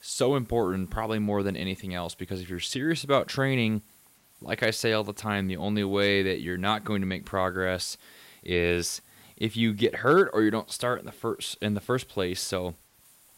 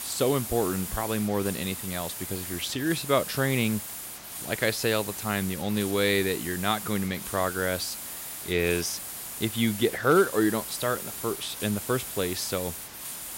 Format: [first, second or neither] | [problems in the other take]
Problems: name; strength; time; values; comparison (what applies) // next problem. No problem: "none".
first | hiss; loud; throughout; 7 dB below the speech; faint in the first